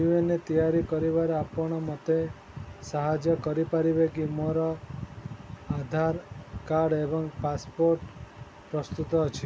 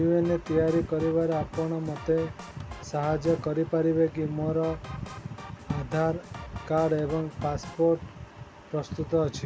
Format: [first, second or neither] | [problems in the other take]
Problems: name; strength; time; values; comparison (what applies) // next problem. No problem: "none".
first | background sound (Drum kit); 17 dB below the speech